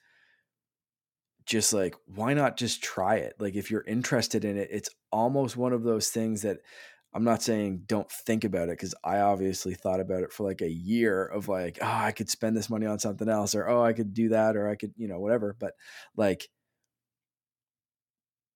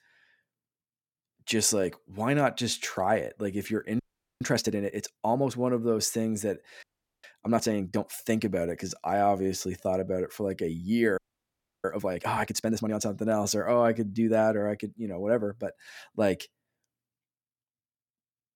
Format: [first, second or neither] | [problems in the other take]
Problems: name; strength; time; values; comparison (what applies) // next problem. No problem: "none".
first | audio freezing; at 4 s, at 7 s and at 11 s for 0.5 s